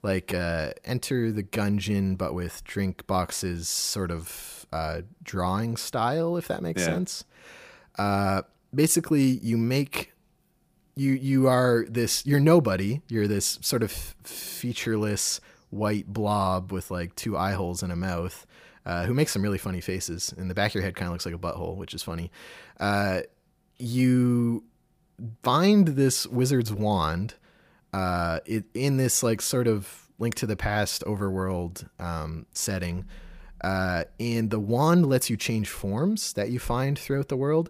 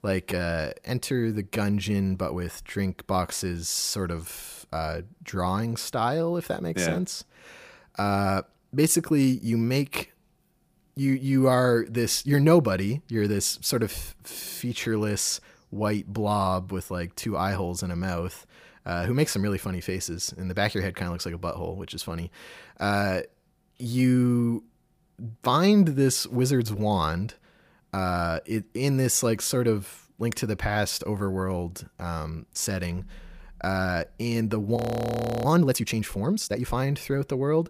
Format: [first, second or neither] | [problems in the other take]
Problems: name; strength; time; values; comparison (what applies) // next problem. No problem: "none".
first | audio freezing; at 35 s for 0.5 s